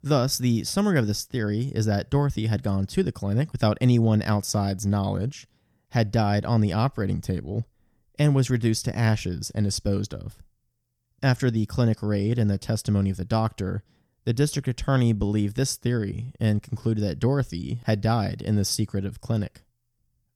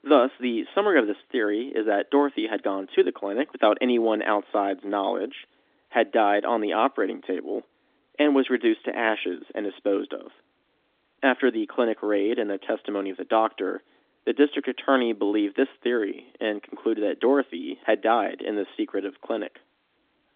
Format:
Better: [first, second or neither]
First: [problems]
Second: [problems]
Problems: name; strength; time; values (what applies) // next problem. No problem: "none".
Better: first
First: none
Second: phone-call audio; nothing above 3.5 kHz